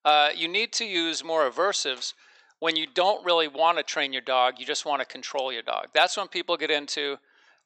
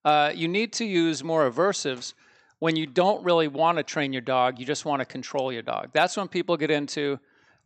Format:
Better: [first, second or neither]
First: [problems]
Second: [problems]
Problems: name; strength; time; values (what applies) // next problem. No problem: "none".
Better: second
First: thin; somewhat; fading below 550 Hz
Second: none